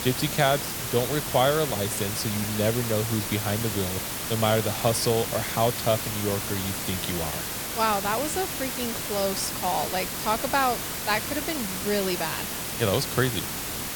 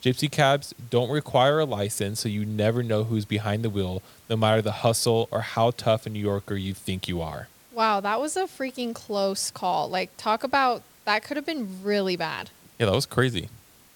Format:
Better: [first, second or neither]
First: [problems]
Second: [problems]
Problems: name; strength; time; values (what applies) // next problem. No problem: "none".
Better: second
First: hiss; loud; throughout; 2 dB below the speech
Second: hiss; faint; throughout; 25 dB below the speech